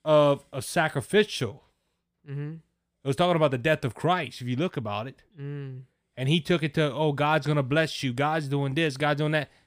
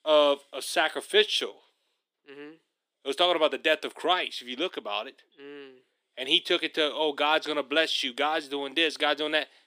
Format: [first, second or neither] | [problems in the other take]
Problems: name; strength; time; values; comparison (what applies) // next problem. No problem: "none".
first | thin; somewhat; fading below 300 Hz